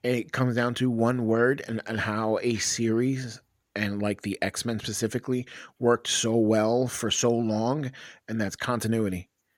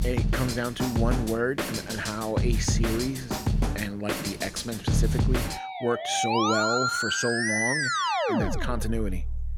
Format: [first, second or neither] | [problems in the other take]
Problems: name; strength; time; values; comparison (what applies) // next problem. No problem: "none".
first | background music; very loud; throughout; 2 dB above the speech